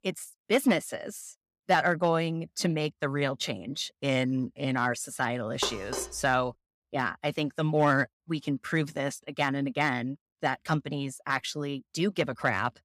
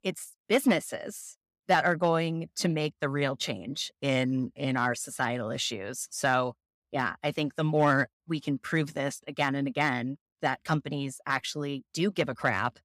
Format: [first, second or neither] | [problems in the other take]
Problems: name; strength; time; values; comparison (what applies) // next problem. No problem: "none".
second | clattering dishes; noticeable; at 5.5 s; peak 5 dB below the speech